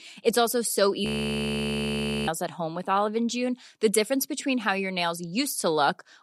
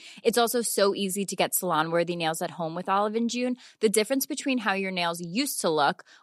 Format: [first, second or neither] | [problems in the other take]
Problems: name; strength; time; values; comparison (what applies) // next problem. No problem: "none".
second | audio freezing; at 1 s for 1 s